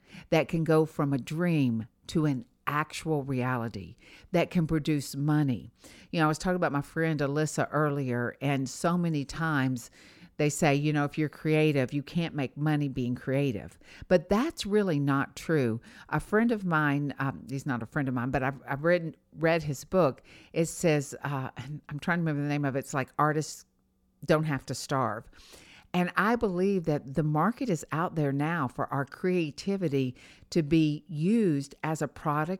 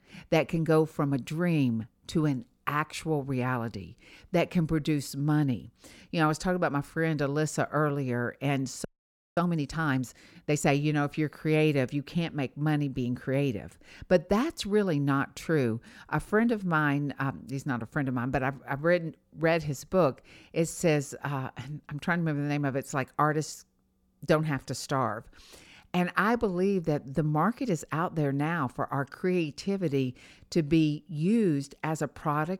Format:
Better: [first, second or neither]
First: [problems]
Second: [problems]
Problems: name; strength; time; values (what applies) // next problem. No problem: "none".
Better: first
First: none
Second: audio freezing; at 9 s for 0.5 s